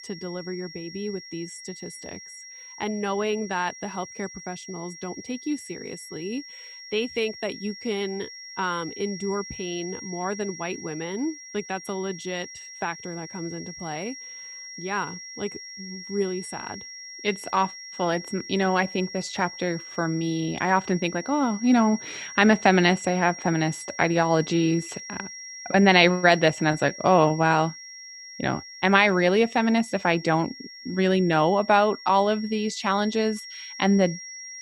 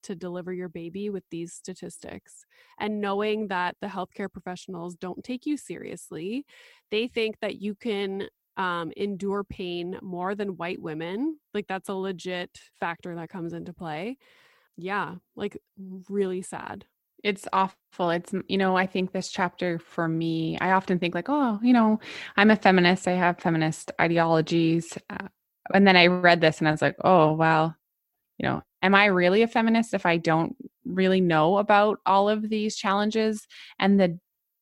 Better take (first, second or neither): second